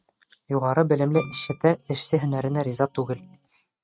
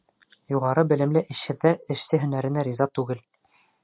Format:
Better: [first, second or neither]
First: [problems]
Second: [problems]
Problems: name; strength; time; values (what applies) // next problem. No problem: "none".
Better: second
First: noise reduction (neural mask model RNNoise)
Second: none